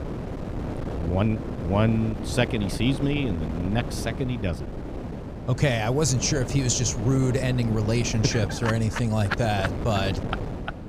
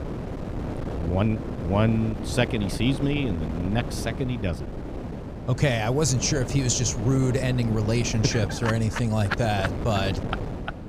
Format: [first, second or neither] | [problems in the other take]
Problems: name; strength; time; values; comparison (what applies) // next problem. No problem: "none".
neither | wind noise on the microphone; heavy; 9 dB below the speech; the same in both